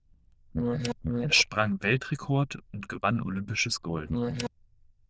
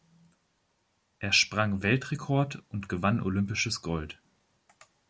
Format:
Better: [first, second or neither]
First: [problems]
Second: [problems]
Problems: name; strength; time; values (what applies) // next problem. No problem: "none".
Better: second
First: noise reduction (neural diffusion model UNIVERSE++)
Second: none